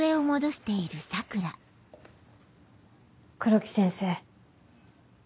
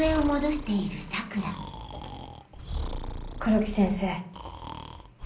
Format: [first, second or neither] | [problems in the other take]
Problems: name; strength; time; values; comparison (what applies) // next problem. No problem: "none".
first | background sound (Breathing); 7 dB below the speech // room echo; dies away in 0.5 s